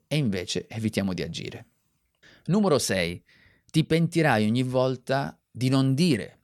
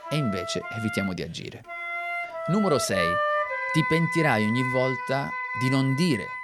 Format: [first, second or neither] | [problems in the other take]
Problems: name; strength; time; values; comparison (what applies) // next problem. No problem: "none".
first | background music; loud; throughout; 3 dB below the speech